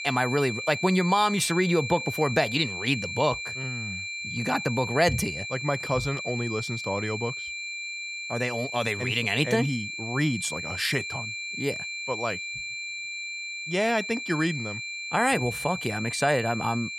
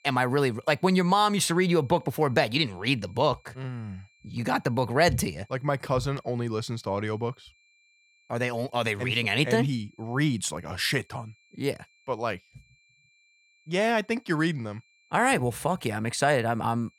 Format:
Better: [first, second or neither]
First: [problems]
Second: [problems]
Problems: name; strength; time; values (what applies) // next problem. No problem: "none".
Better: second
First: high-pitched whine; loud; throughout; 2.5 kHz, 5 dB below the speech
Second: high-pitched whine; faint; throughout; 2.5 kHz, 35 dB below the speech